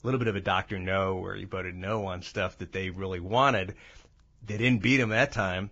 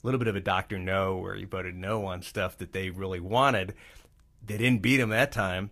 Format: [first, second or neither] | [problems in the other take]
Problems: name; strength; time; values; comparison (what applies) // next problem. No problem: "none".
second | garbled, watery; badly; slightly in the second